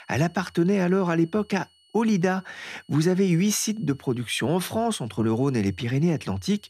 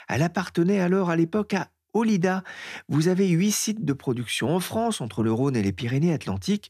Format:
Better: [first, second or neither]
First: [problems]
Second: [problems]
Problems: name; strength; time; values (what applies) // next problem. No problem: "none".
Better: second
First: high-pitched whine; faint; throughout; 3 kHz, 35 dB below the speech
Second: none